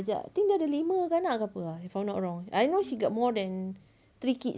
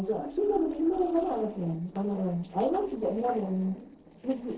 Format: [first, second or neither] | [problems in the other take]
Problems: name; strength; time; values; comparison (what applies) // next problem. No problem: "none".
first | noise reduction (neural separator model SepFormer DNS4)